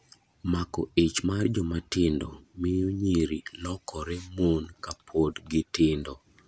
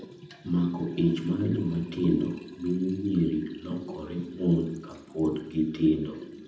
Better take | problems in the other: first | background sound (Liquid); 16 dB below the speech // room echo; dies away in 0.8 s

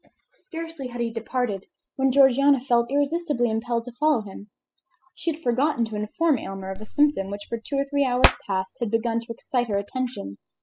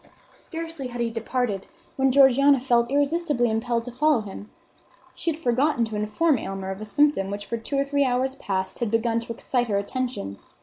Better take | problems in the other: second | noise reduction (classical method spectral subtraction)

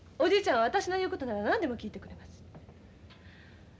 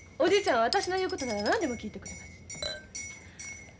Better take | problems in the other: first | background sound (Chink, clink / Liquid + Liquid); 11 dB below the speech

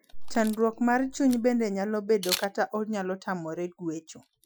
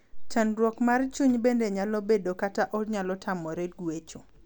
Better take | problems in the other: second | noise reduction (classical method Wiener filter)

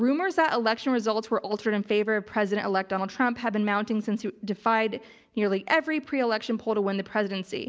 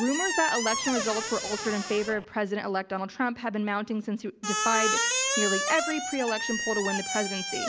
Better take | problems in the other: first | background sound (Squeak); 2 dB below the speech

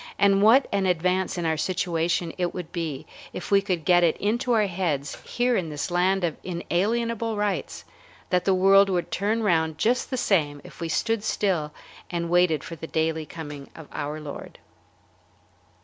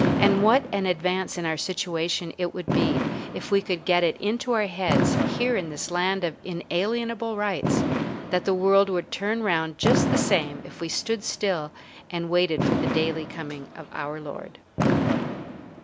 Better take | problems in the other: first | background sound (Fireworks); 2 dB below the speech

